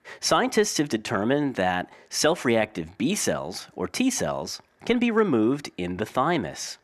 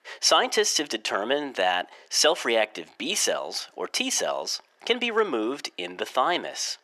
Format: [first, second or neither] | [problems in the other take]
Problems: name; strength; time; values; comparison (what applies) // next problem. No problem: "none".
first | thin; somewhat; fading below 500 Hz